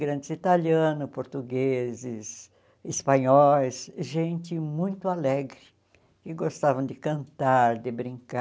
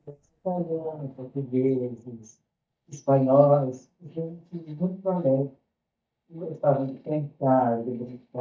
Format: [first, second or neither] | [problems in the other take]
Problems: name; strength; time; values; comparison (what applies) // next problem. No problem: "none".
first | noise reduction (neural mask model DeepFilterNet 3)